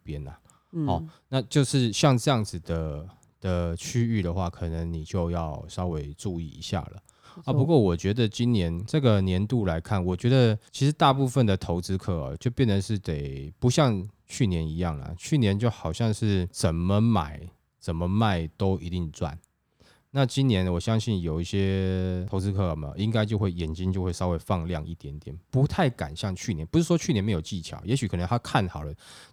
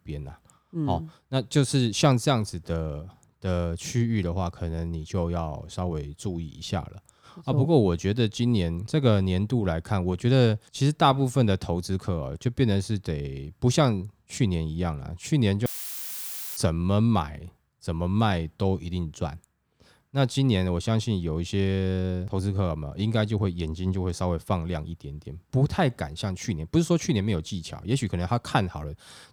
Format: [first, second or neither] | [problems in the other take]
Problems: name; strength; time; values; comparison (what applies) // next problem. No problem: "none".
first | audio cutting out; filled with static; at 16 s for 1 s